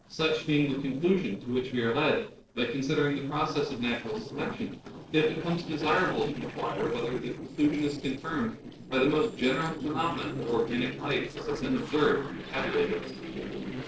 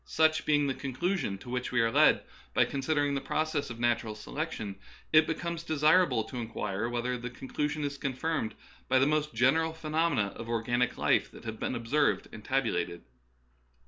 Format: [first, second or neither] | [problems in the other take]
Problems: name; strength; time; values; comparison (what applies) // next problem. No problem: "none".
second | noise reduction (neural separator model SepFormer DNS4)